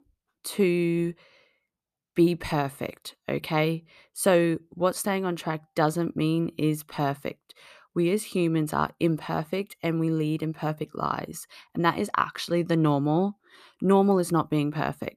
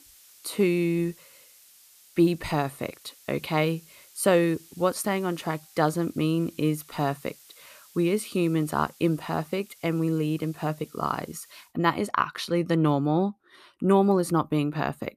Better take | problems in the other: first | hiss; faint; until 12 s; 25 dB below the speech

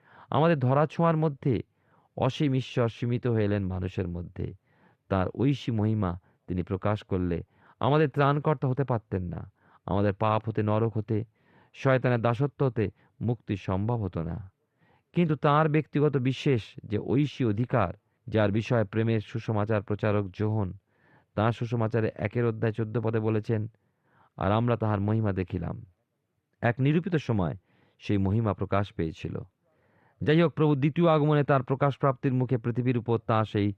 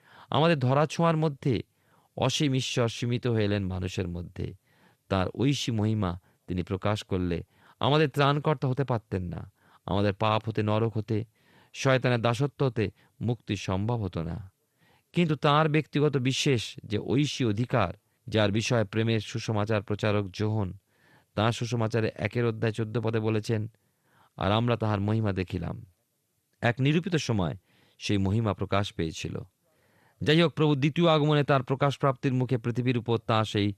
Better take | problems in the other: second | muffled; slightly; fading above 3.5 kHz

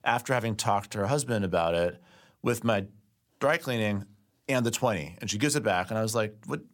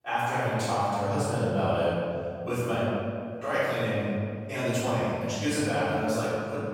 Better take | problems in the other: first | off-mic speech; far // room echo; strong; dies away in 2.1 s

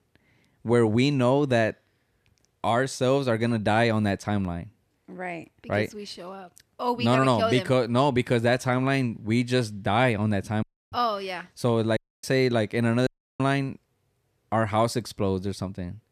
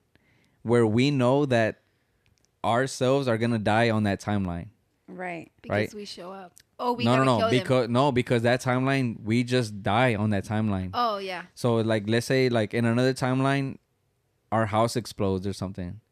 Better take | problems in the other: second | audio cutting out; at 11 s, at 12 s and at 13 s

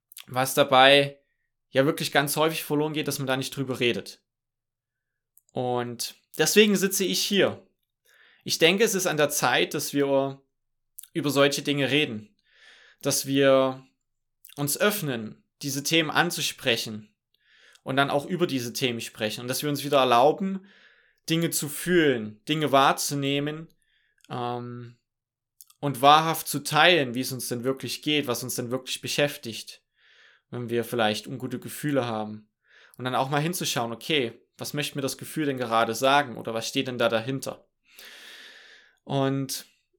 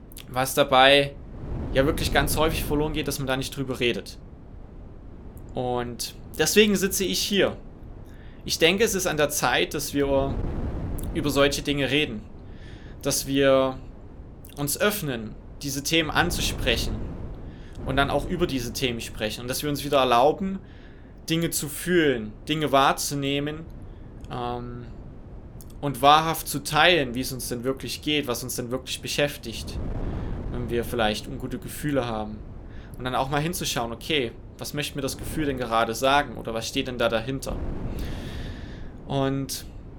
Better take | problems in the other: first | wind noise on the microphone; occasional gusts; 20 dB below the speech

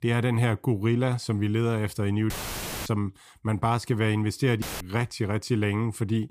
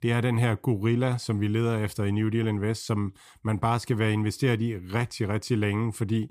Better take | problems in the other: second | audio cutting out; filled with static; at 2.5 s for 0.5 s and at 4.5 s

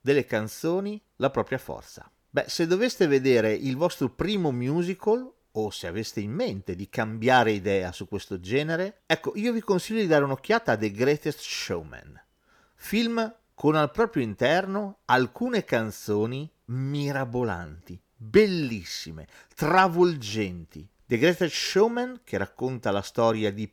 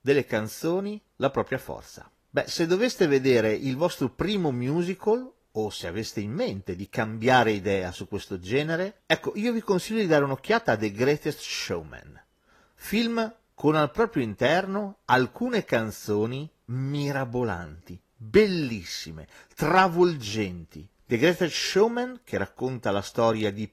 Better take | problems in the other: first | garbled, watery; slightly; nothing above 13.5 kHz

